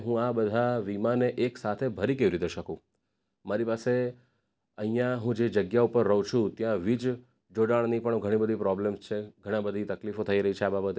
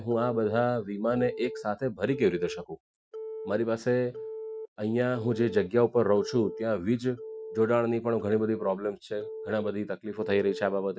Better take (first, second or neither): first